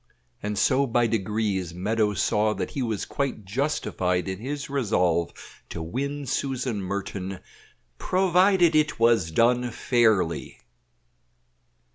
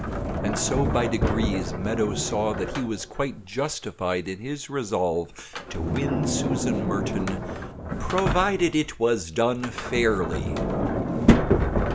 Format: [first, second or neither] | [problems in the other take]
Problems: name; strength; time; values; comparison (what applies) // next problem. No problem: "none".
first | background sound (Sliding door); as loud as the speech